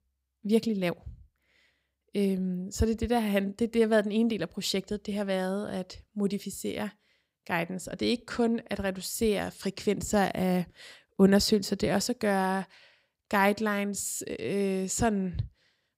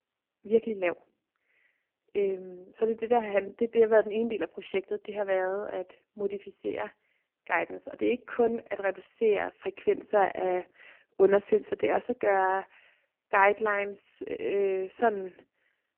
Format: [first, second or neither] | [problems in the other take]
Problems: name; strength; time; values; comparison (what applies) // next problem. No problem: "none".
first | phone-call audio; poor line; nothing above 3 kHz